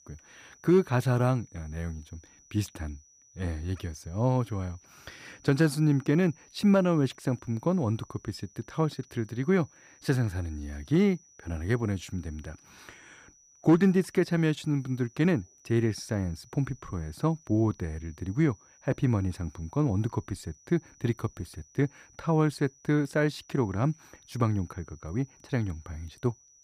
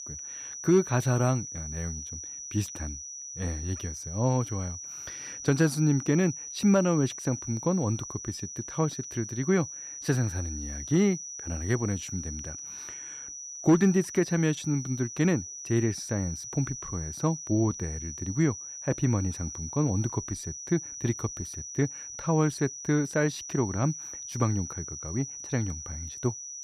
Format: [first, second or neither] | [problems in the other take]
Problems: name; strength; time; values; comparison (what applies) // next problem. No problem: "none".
first | high-pitched whine; loud; throughout; 6 kHz, 8 dB below the speech; faint in the first